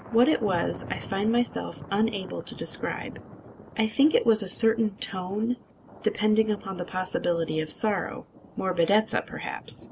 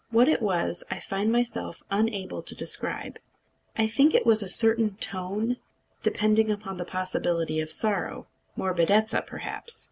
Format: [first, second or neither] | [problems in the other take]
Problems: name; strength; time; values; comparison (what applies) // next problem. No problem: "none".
second | background sound (Thunder); 17 dB below the speech